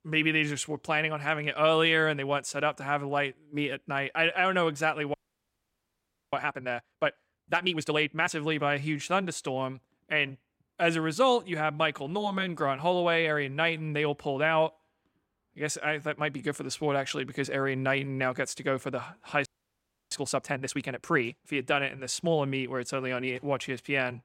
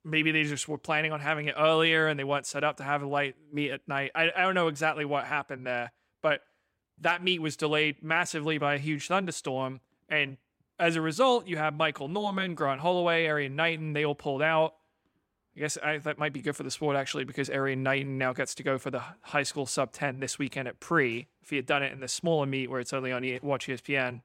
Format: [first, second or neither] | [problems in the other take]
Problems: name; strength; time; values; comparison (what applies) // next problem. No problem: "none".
second | audio freezing; at 5 s for 1 s and at 19 s for 0.5 s